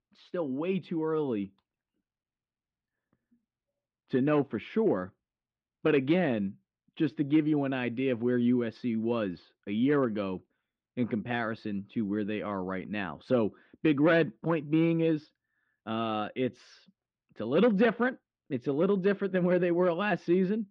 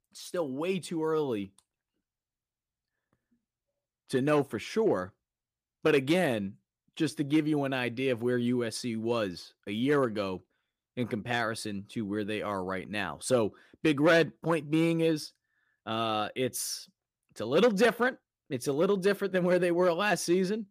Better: second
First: muffled; very; fading above 3.5 kHz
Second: none

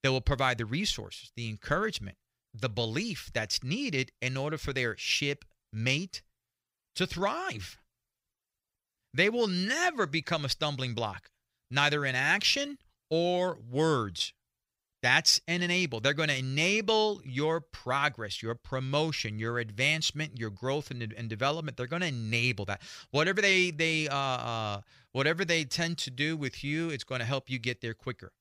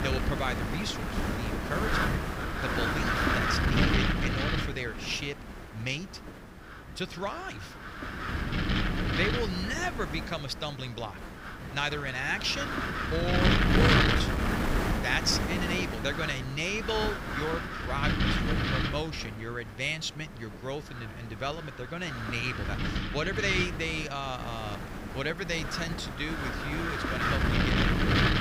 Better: first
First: none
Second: wind noise on the microphone; heavy; 2 dB above the speech

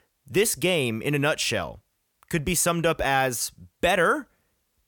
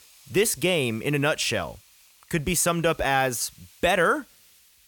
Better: first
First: none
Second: hiss; faint; throughout; 30 dB below the speech

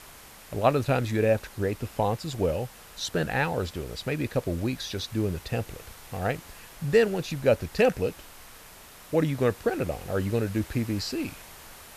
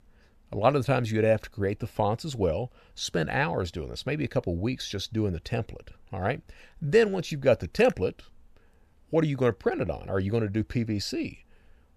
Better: second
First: hiss; noticeable; throughout; 20 dB below the speech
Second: none

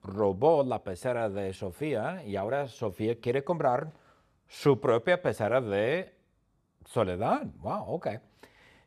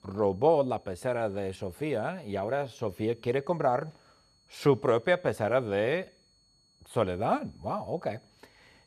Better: first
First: none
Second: high-pitched whine; faint; throughout; 4.5 kHz, 35 dB below the speech

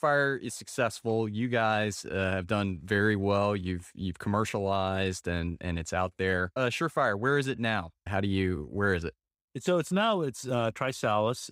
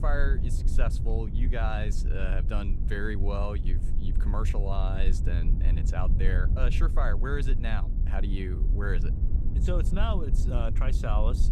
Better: first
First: none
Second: low rumble; loud; throughout; 9 dB below the speech

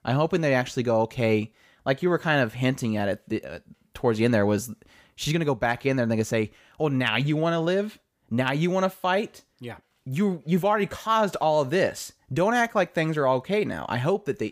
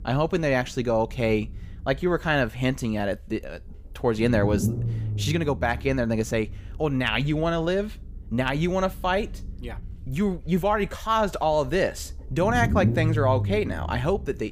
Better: first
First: none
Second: low rumble; noticeable; throughout; 15 dB below the speech

